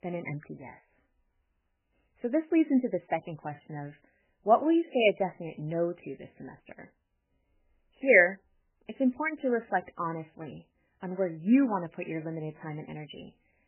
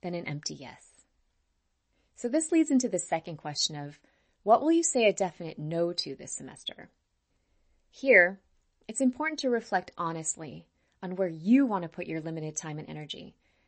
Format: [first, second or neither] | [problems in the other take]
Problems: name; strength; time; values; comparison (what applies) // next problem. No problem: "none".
second | garbled, watery; badly; nothing above 3 kHz; slightly in the second